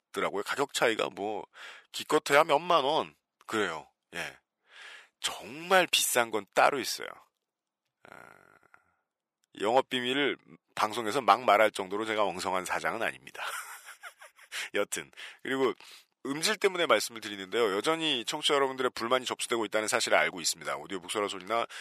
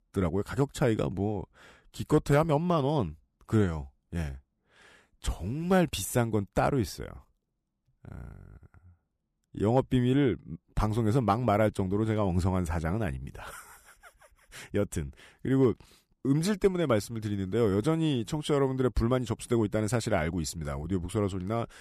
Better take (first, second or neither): second